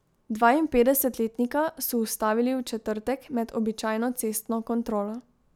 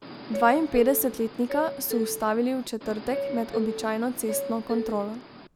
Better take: first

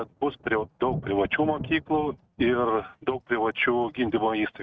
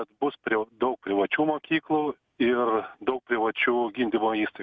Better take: second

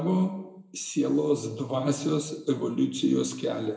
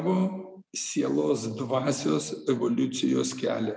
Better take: second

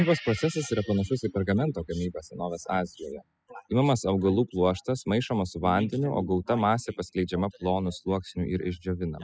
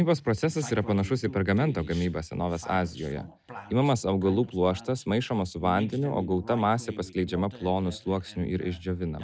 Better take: second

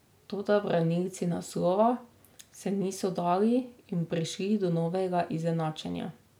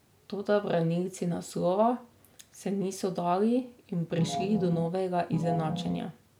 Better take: first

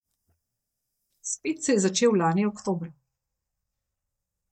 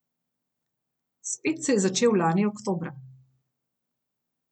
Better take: second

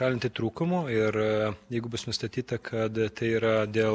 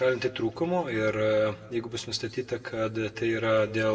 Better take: first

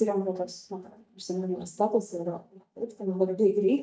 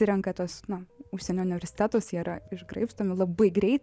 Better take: second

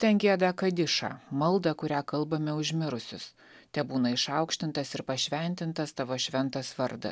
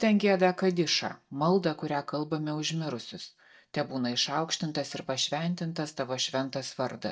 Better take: first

